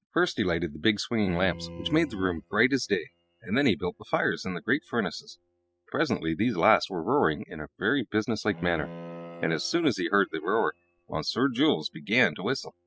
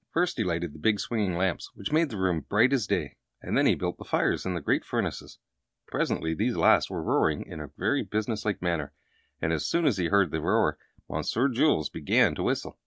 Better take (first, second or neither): second